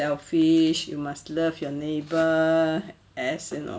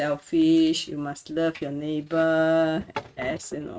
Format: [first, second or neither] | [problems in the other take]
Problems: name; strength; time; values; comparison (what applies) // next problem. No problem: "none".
first | noise reduction (neural mask model RNNoise)